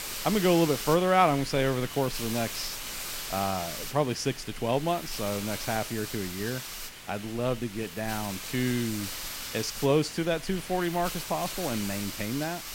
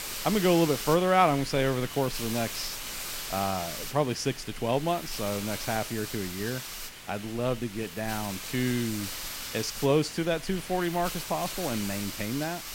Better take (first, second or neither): neither